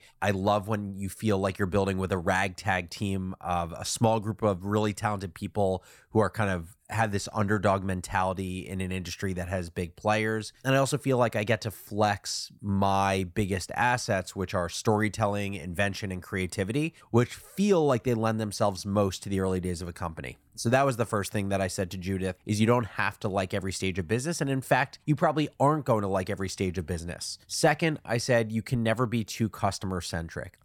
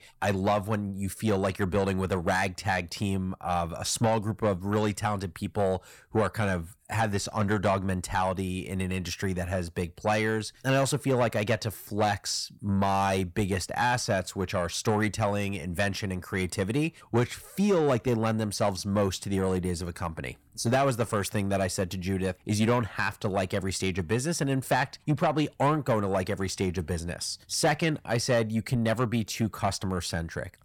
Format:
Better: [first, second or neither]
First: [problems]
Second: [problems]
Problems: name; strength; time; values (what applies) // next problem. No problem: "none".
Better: first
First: none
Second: distortion; slight; 10 dB below the speech